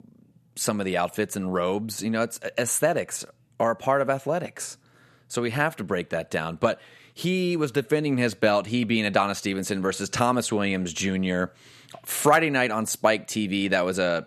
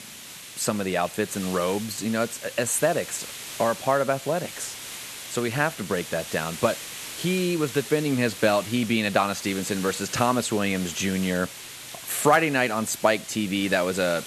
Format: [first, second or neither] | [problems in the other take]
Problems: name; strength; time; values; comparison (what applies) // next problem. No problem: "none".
first | hiss; noticeable; throughout; 10 dB below the speech